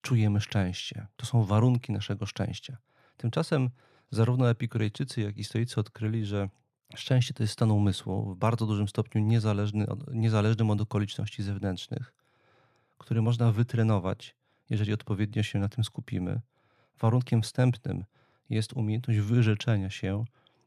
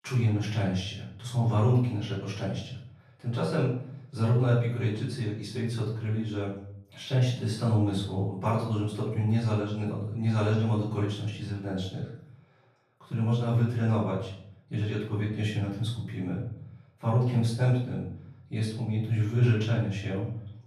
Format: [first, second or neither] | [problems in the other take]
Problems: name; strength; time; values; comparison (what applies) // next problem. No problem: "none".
first | off-mic speech; far // room echo; noticeable; dies away in 0.5 s